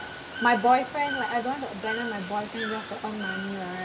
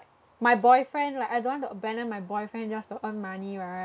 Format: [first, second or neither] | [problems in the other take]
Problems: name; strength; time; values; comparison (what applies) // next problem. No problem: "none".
second | background sound (Water / Bird); 8 dB below the speech // room echo; dies away in 0.7 s